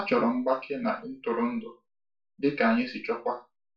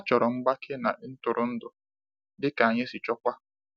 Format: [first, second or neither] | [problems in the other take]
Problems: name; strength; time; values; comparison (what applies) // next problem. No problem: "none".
second | room echo; dies away in 0.3 s